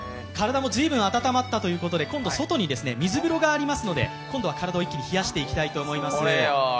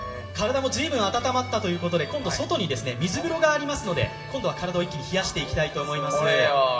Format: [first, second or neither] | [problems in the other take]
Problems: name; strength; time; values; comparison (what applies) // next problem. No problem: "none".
first | room echo; dies away in 2.5 s